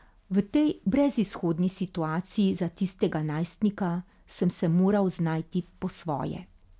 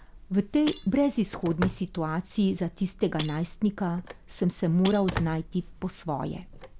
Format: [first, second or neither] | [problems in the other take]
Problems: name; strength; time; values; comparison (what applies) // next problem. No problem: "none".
first | background sound (Telephone + Shatter); 12 dB below the speech